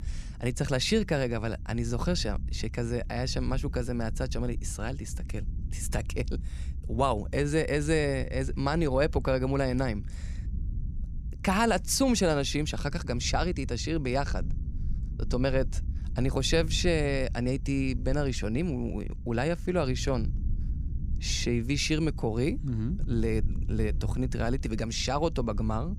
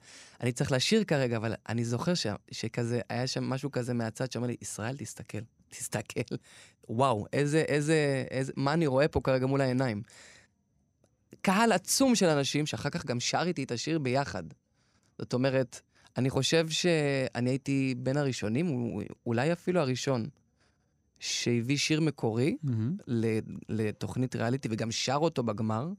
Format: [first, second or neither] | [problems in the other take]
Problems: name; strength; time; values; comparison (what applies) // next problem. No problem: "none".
second | low rumble; faint; throughout; 20 dB below the speech